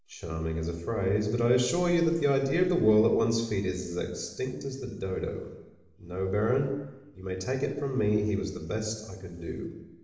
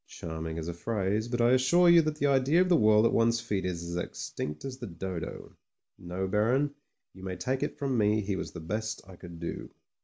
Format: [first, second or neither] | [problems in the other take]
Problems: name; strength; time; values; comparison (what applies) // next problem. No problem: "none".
second | room echo; dies away in 1.2 s